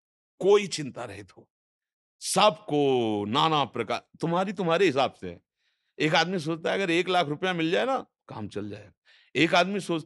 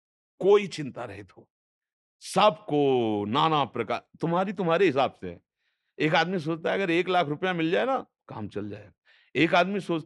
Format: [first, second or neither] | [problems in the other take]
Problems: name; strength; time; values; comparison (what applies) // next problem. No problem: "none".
first | muffled; very slightly; fading above 4 kHz